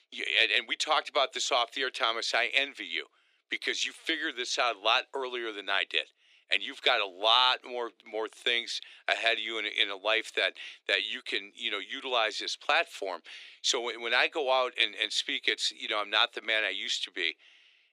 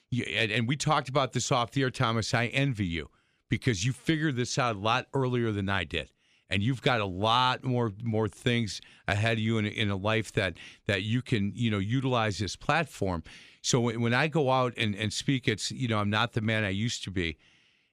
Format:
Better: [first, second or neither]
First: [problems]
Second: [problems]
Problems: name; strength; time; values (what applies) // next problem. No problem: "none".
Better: second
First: thin; very; fading below 350 Hz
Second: none